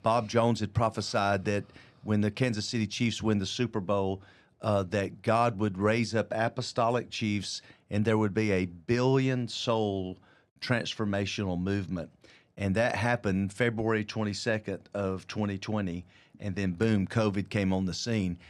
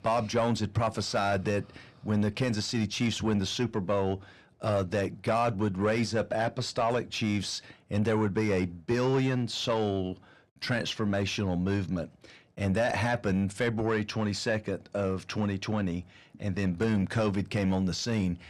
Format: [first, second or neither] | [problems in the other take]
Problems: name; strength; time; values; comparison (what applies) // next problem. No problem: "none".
first | distortion; slight; 10 dB below the speech